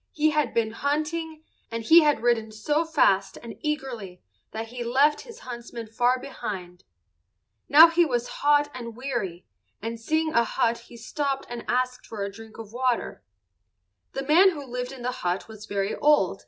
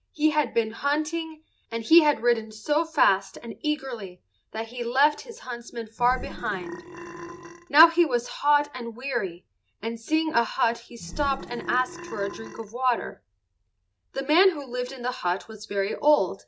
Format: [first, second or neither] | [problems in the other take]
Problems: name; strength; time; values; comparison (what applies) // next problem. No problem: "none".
first | background sound (Burping, eructation); 12 dB below the speech